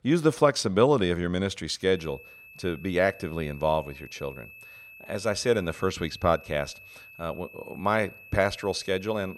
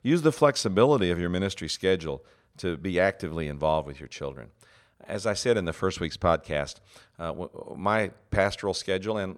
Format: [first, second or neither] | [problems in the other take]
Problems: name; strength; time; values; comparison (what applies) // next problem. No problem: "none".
second | high-pitched whine; noticeable; from 2 s on; 2.5 kHz, 20 dB below the speech